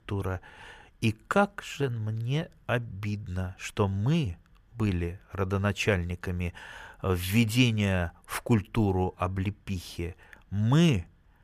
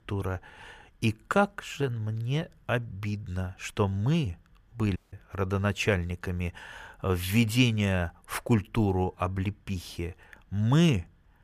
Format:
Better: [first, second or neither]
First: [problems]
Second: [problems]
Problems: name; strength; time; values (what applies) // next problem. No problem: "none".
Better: first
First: none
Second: audio cutting out; at 5 s